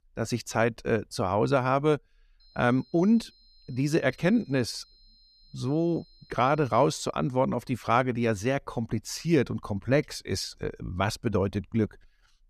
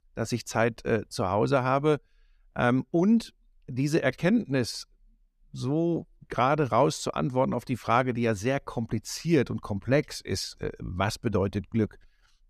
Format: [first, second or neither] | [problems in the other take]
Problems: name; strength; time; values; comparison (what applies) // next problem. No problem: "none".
second | high-pitched whine; faint; from 2.5 to 7 s; 4 kHz, 30 dB below the speech